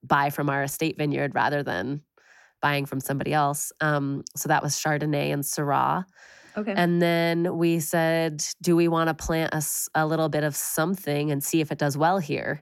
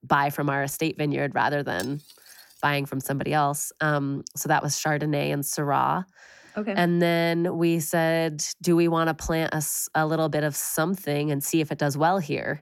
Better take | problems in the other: first | clattering dishes; faint; at 2 s; peak 15 dB below the speech

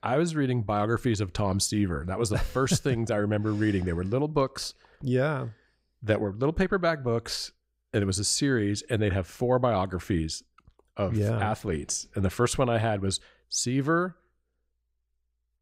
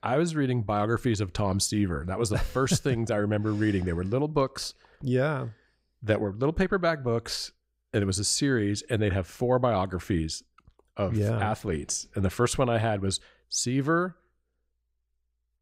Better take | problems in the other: neither | none

